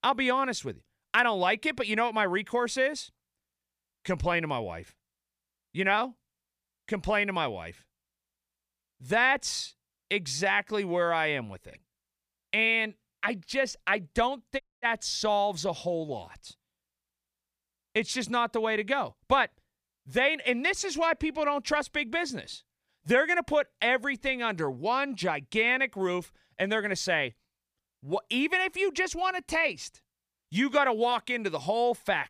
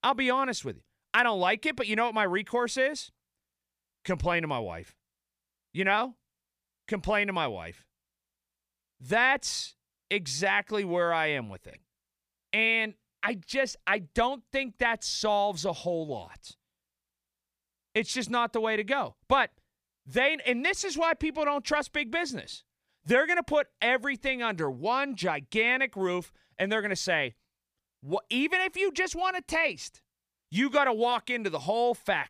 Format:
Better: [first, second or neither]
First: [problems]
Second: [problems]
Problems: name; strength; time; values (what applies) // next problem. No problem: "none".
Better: second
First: audio cutting out; at 15 s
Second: none